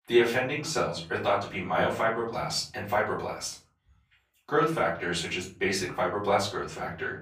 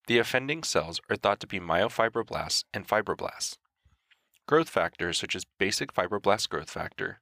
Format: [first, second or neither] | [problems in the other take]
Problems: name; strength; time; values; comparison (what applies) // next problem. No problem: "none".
second | off-mic speech; far // room echo; slight; dies away in 0.5 s